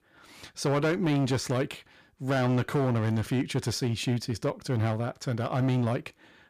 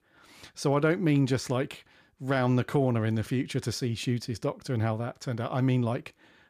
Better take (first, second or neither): second